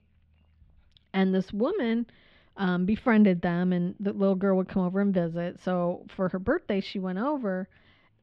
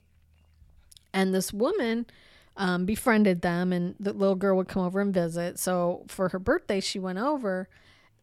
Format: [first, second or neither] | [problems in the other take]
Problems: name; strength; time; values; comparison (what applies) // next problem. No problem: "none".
second | muffled; slightly; fading above 3.5 kHz